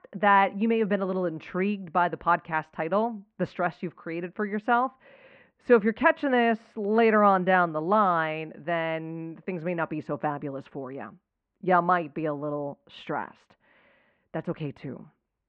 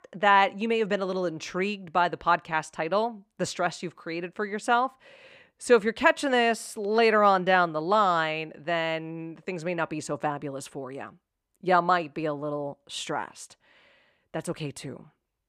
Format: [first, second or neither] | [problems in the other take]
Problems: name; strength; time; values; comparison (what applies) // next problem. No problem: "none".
second | muffled; very; fading above 2.5 kHz